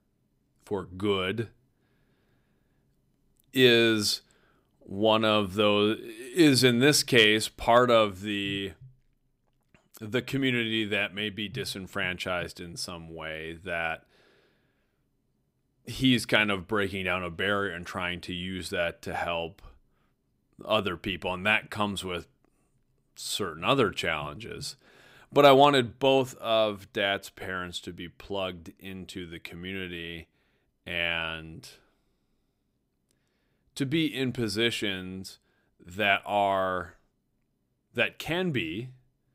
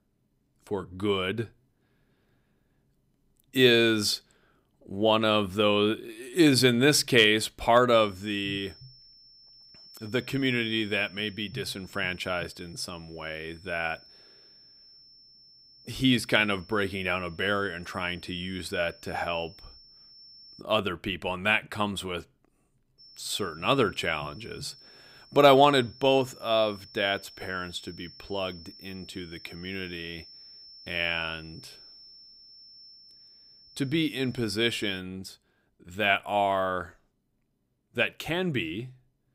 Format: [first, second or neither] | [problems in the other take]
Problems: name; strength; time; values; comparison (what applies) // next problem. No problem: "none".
first | high-pitched whine; faint; from 8 to 21 s and from 23 to 35 s; 5.5 kHz, 25 dB below the speech